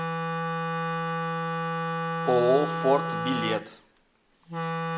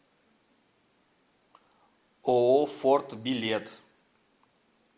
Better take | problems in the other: second | background sound (Wind instrument, woodwind instrument); as loud as the speech

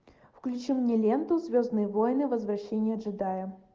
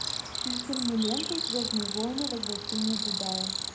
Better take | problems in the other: first | background sound (Cricket); as loud as the speech // room echo; dies away in 0.4 s

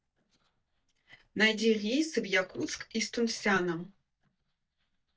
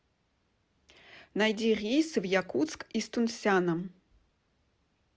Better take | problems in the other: second | noise reduction (neural mask model DeepFilterNet 3)

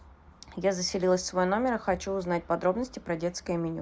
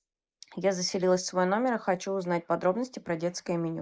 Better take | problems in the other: first | noise reduction (neural mask model Resemble Enhance denoiser)

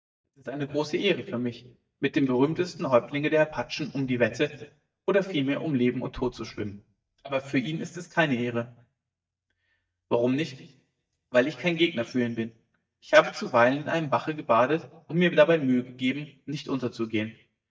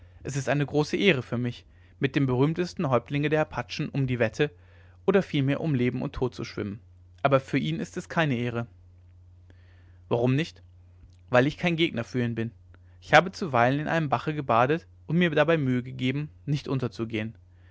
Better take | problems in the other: second | noise reduction (neural mask model DeepFilterNet 3)

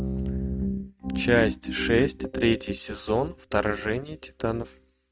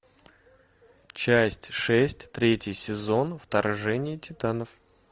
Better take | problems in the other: second | noise reduction (neural mask model RNNoise)

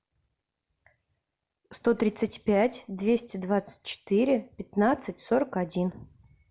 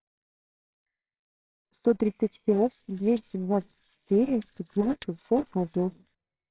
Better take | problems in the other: first | noise reduction (neural separator model SepFormer WHAMR!)

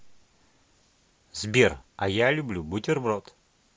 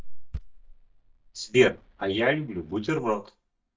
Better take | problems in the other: first | noise reduction (neural mask model DeepFilterNet 3)

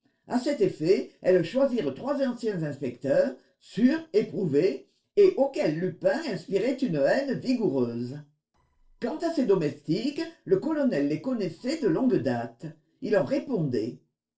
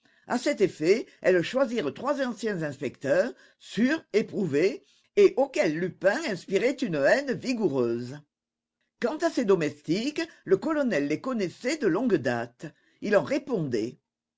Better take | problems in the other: second | noise reduction (neural separator model SepFormer DNS4)

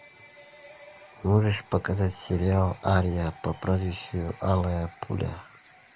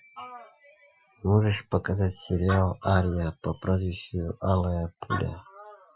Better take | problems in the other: first | noise reduction (classical method Wiener filter)

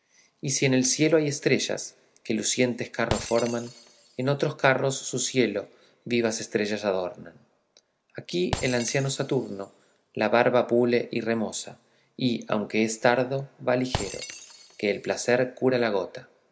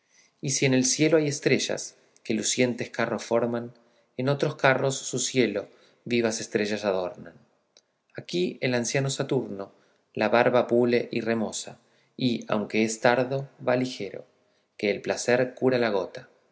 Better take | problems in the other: second | background sound (Shatter); 16 dB below the speech

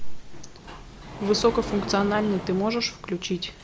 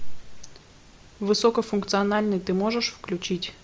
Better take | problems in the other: second | background sound (Sliding door); 11 dB below the speech

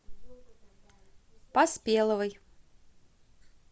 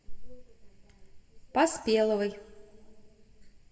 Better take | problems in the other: first | room echo; dies away in 0.9 s

